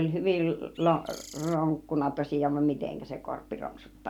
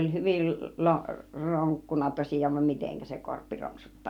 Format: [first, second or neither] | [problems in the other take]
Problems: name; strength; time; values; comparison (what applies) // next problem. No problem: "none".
second | background sound (Bird); 18 dB below the speech